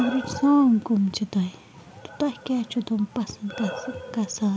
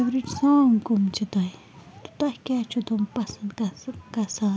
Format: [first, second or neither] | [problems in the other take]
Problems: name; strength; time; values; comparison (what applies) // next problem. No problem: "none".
second | background sound (Breathing); 16 dB below the speech